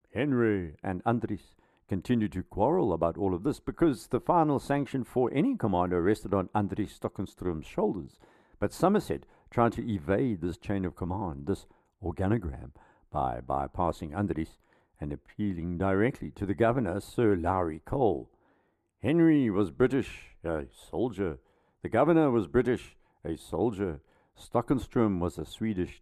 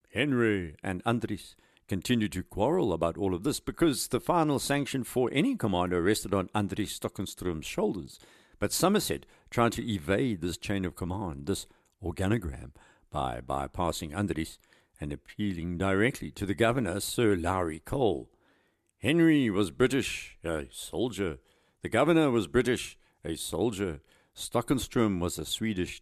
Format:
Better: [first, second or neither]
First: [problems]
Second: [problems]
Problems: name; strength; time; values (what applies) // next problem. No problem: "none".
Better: second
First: muffled; very; fading above 2 kHz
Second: none